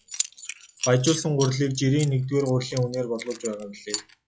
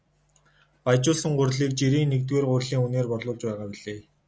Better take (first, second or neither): second